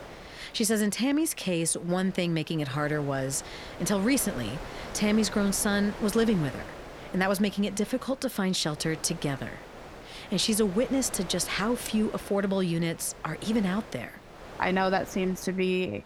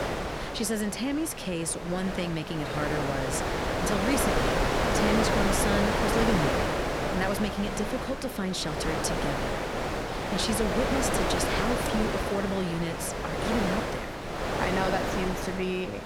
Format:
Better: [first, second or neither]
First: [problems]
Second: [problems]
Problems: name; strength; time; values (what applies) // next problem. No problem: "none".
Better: first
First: wind noise on the microphone; occasional gusts; 15 dB below the speech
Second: wind noise on the microphone; heavy; 4 dB above the speech